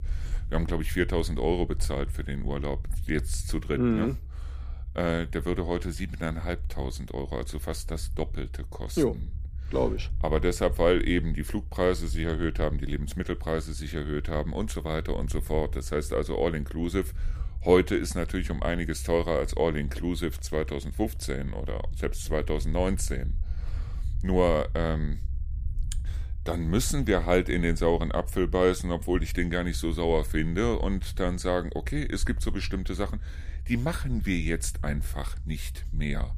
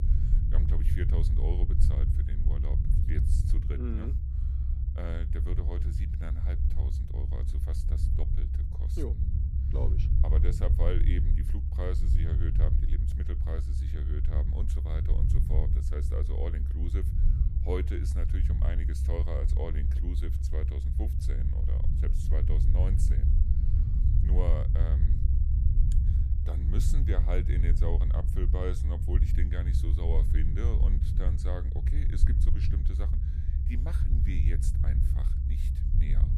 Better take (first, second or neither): first